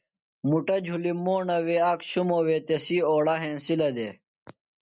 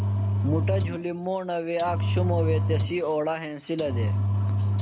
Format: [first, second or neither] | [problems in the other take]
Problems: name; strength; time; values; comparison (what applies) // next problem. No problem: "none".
first | background sound (Engine); 3 dB above the speech